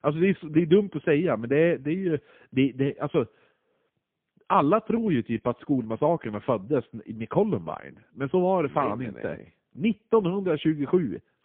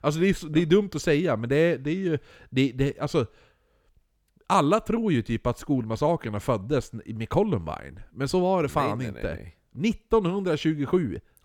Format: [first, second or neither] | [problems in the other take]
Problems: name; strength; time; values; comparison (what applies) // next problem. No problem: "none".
second | phone-call audio; poor line; nothing above 3.5 kHz